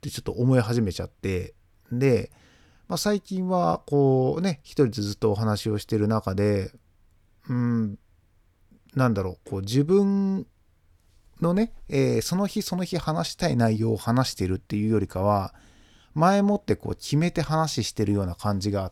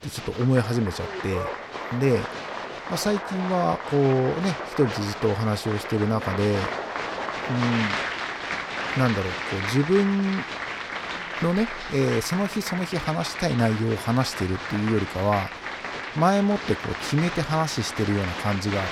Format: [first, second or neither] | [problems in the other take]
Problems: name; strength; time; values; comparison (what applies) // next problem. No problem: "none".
first | crowd noise; loud; throughout; 6 dB below the speech